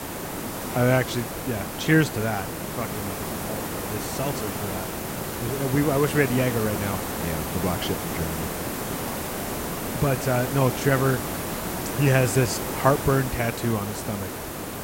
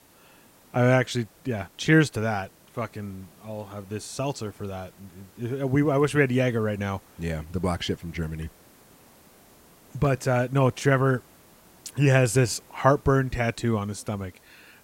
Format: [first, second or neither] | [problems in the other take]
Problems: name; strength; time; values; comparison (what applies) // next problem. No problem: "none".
second | hiss; loud; throughout; 4 dB below the speech; faint in the second